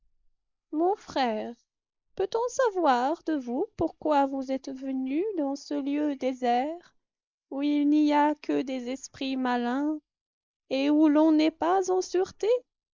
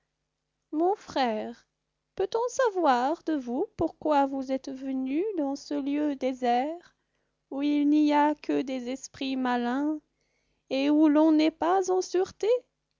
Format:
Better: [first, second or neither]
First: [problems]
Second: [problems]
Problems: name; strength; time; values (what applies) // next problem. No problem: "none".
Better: second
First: noise reduction (neural mask model Resemble Enhance denoiser)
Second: none